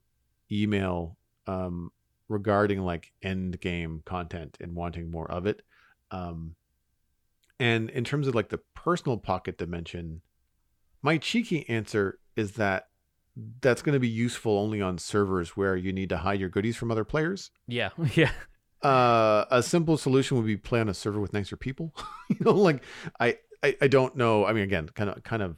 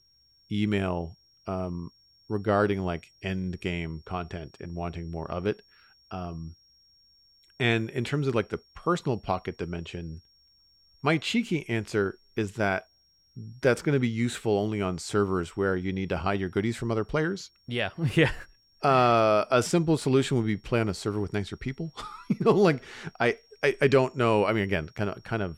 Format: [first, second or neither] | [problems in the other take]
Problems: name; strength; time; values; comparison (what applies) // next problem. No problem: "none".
first | high-pitched whine; faint; throughout; 5.5 kHz, 30 dB below the speech